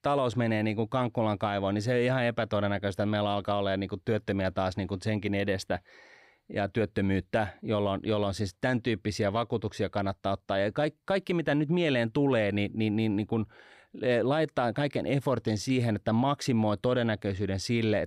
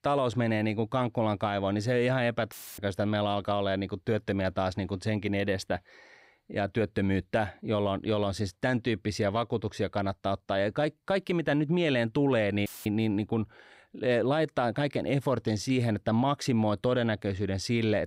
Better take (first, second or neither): first